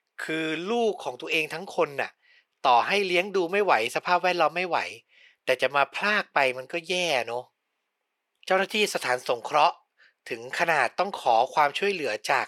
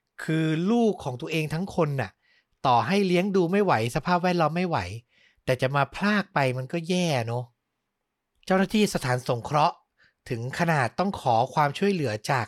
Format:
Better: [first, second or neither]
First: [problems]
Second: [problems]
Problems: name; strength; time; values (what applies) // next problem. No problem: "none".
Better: second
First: thin; very; fading below 450 Hz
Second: none